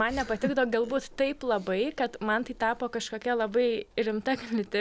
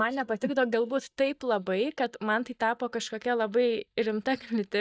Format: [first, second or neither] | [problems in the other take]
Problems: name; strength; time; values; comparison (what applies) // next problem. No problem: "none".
first | noise reduction (neural mask model DeepFilterNet 3)